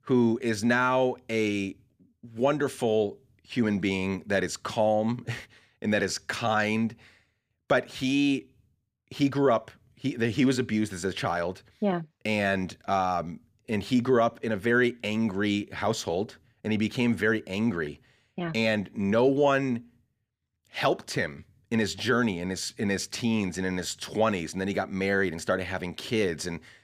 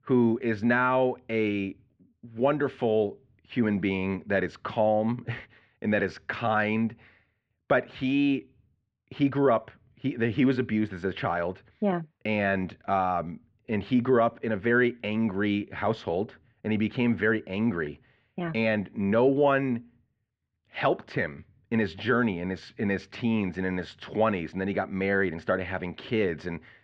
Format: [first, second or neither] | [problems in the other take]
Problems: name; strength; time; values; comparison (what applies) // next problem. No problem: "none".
first | muffled; very; fading above 2.5 kHz